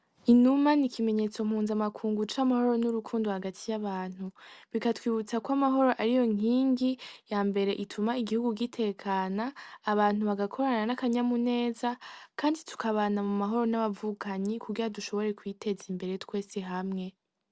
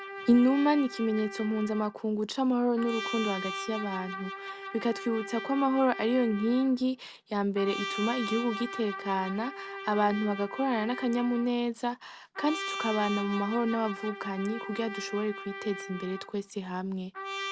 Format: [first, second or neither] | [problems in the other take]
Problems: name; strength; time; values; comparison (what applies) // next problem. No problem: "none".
first | background sound (Trumpet); 10 dB below the speech